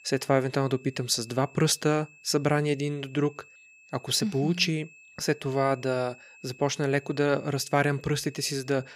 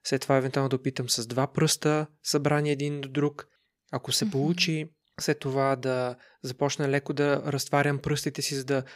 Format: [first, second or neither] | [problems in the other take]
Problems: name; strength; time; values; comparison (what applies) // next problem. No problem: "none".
second | high-pitched whine; faint; throughout; 2.5 kHz, 25 dB below the speech